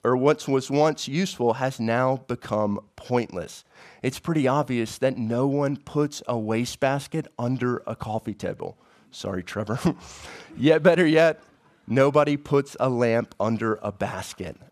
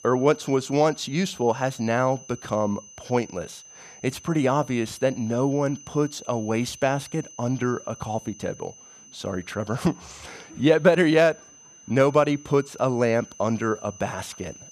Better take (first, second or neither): first